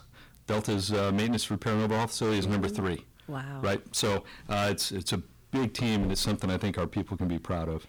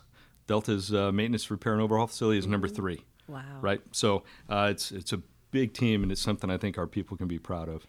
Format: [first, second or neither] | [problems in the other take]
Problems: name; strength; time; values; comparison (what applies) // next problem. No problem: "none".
second | distortion; heavy; 20% of the sound clipped